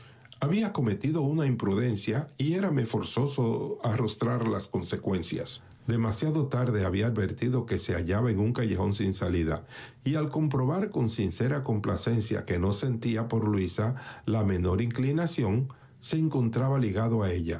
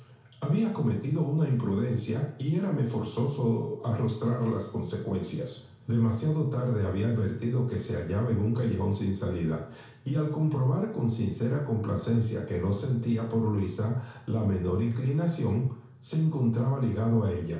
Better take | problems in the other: first | room echo; dies away in 0.6 s

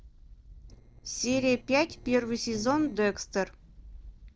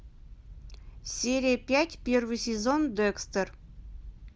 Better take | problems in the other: second | noise reduction (neural separator model SepFormer DNS4)

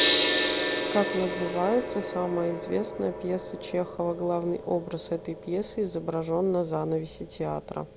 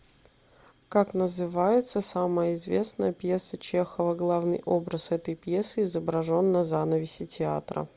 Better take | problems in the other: second | background sound (Gong); 2 dB below the speech

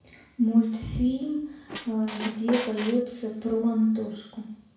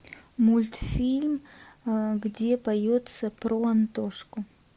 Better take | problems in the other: second | background sound (Squeak); 10 dB below the speech // room echo; dies away in 0.6 s

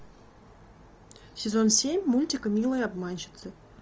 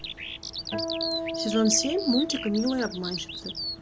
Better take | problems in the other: first | background sound (Acoustic guitar + Bird vocalization, bird call, bird song); 4 dB below the speech

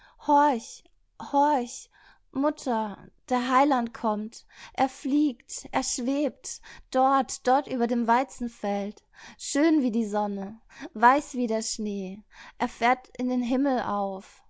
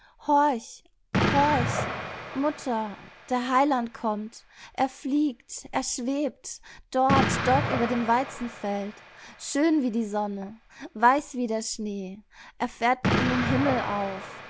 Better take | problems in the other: first | background sound (Explosion); 6 dB below the speech

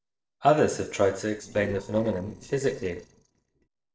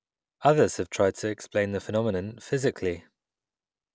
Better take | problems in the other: second | noise reduction (neural separator model SepFormer DNS4)

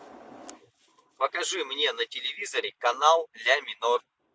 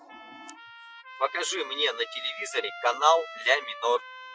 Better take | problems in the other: first | noise reduction (classical method Wiener filter)

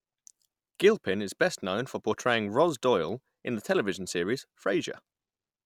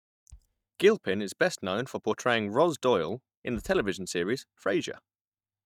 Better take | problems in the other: first | noise reduction (neural mask model DeepFilterNet 3)

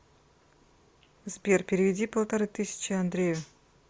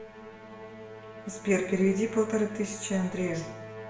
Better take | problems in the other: first | background sound (Musical instrument); 13 dB below the speech // room echo; dies away in 0.7 s

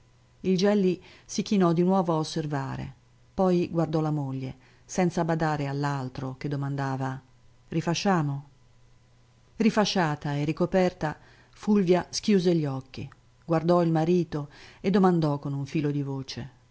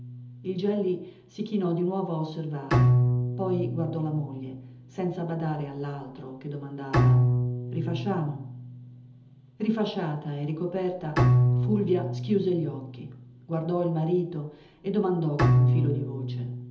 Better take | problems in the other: first | background sound (Bowed string instrument); 2 dB above the speech // room echo; dies away in 1.2 s

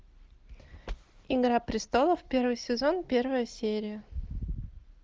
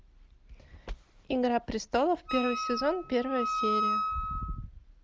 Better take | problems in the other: first | background sound (Wind instrument, woodwind instrument); 1 dB below the speech

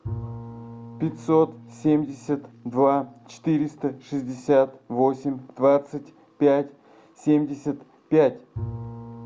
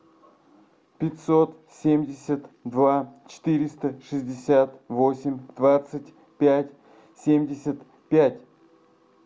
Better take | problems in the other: second | background sound (Bowed string instrument); 16 dB below the speech

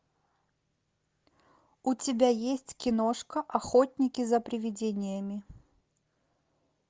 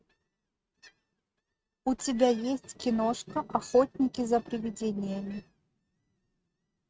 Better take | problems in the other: first | noise reduction (neural mask model RNNoise)

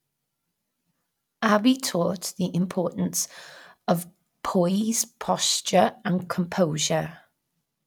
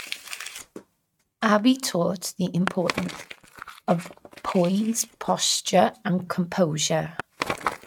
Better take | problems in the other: first | noise reduction (neural mask model RNNoise)

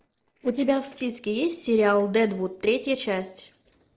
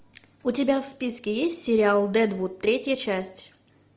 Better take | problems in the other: second | noise reduction (neural separator model SepFormer DNS4)

